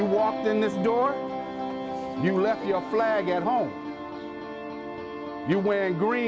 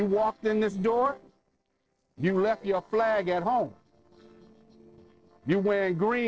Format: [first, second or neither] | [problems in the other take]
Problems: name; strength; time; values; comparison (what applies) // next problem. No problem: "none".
first | noise reduction (neural separator model SepFormer DNS4)